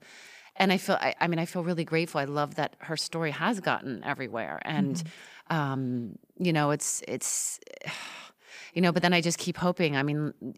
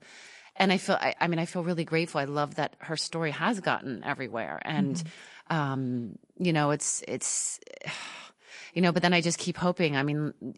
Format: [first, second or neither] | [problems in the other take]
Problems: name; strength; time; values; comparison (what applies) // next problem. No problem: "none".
first | garbled, watery; slightly